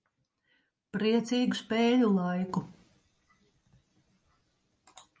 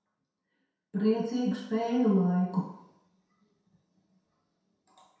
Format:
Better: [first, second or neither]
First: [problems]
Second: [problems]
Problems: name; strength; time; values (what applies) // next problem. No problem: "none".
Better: first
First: none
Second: room echo; dies away in 0.7 s